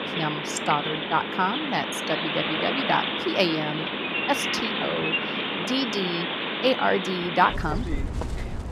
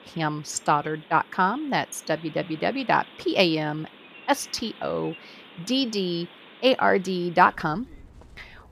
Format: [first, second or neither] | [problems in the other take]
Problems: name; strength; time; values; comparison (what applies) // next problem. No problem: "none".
second | animal sounds; loud; throughout; 1 dB below the speech; faint in the second